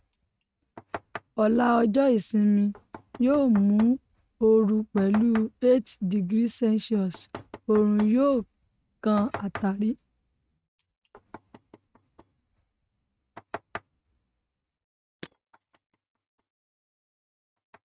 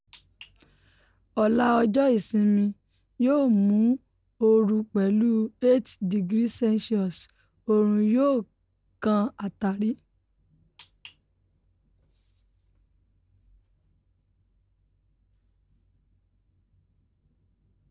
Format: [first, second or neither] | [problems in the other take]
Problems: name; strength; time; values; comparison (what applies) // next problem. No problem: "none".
second | noise reduction (neural mask model RNNoise)